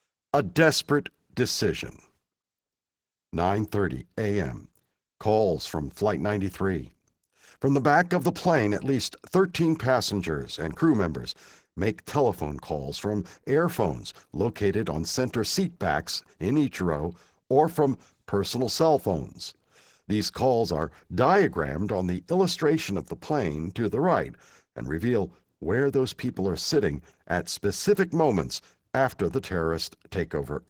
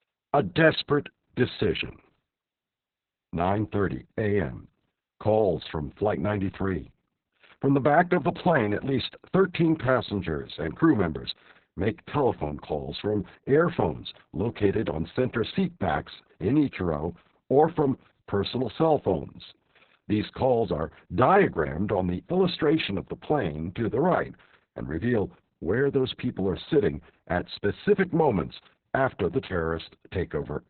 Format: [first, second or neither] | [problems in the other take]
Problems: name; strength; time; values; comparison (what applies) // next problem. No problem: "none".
first | garbled, watery; badly; nothing above 4 kHz; slightly in the first